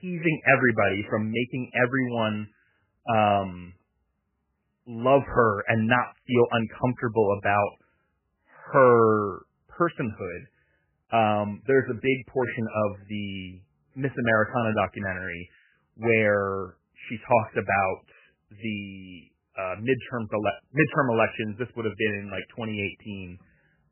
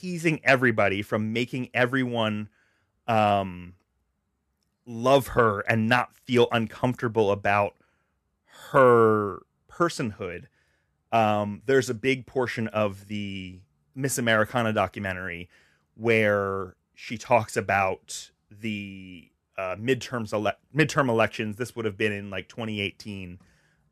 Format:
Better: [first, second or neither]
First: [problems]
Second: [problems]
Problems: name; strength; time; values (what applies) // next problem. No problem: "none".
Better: second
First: garbled, watery; badly; nothing above 3 kHz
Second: none